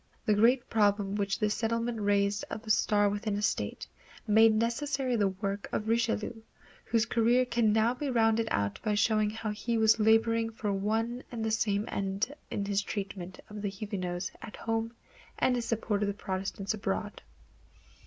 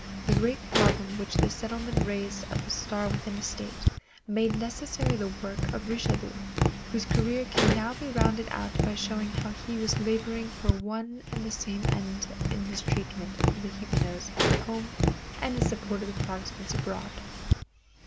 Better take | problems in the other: first | background sound (Tap); 3 dB above the speech

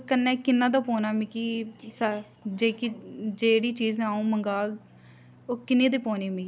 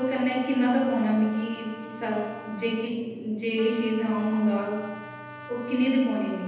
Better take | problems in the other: first | background sound (Trumpet); 16 dB below the speech // room echo; dies away in 1.1 s

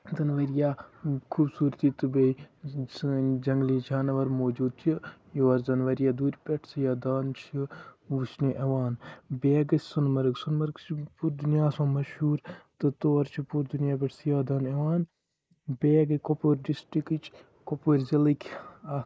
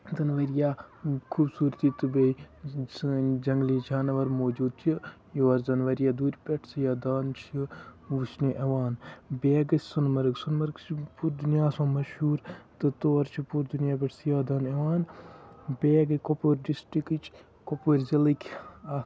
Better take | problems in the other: second | noise reduction (neural mask model Resemble Enhance denoiser)

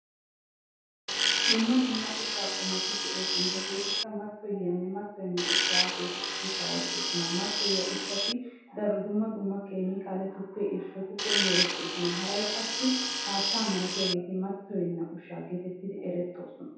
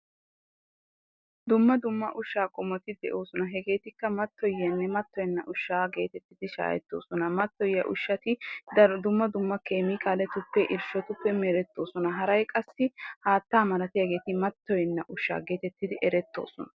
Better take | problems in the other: second | background sound (Tools); 3 dB above the speech // room echo; dies away in 0.8 s

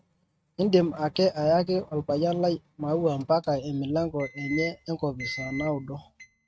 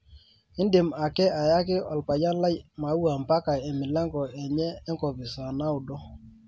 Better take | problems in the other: second | noise reduction (neural mask model RNNoise)

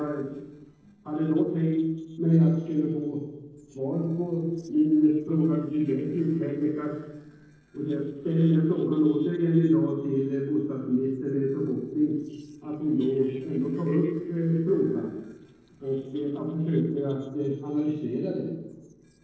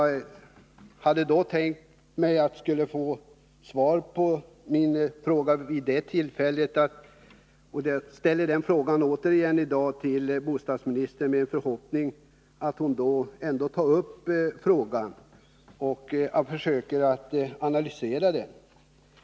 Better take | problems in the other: second | noise reduction (neural separator model SepFormer DNS4)

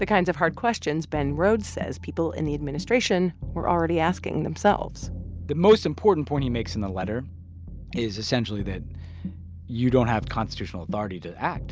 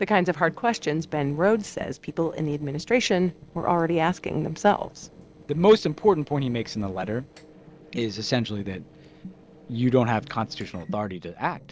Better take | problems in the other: first | noise reduction (neural separator model SepFormer DNS4)

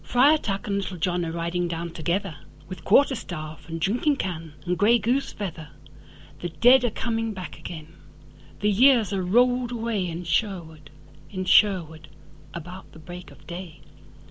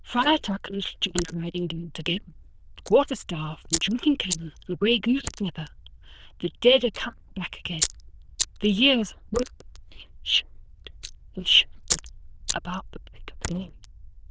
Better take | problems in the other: first | noise reduction (neural diffusion model UNIVERSE++)

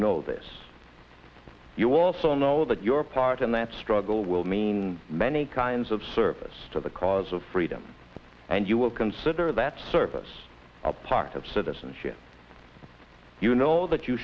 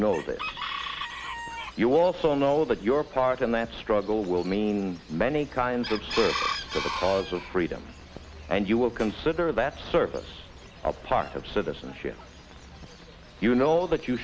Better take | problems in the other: first | background sound (Chicken, rooster); 12 dB below the speech

